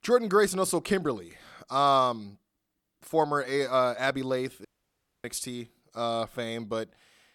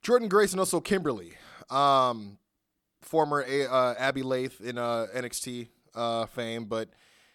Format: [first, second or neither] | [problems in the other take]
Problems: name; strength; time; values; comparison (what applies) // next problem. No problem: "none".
second | audio cutting out; at 4.5 s for 0.5 s